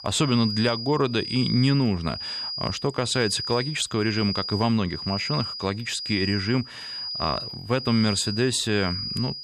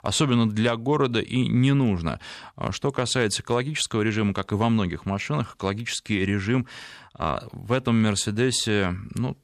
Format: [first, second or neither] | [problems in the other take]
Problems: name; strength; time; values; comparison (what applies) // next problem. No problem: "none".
second | high-pitched whine; loud; throughout; 5 kHz, 6 dB below the speech